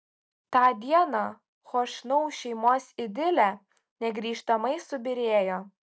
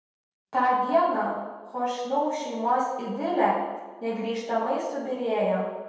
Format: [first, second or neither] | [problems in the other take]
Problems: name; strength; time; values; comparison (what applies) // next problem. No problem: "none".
first | room echo; dies away in 1.1 s